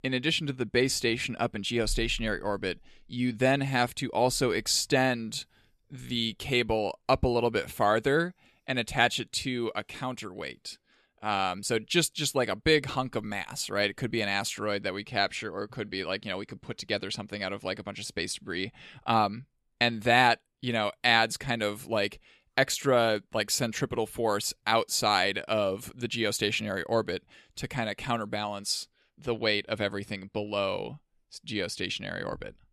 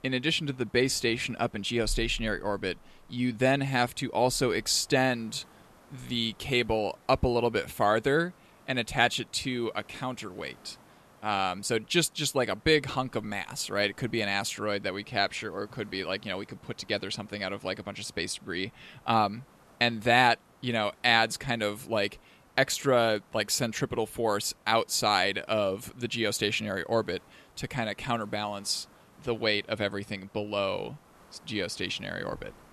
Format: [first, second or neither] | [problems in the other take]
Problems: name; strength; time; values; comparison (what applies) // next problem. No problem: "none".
first | hiss; faint; throughout; 30 dB below the speech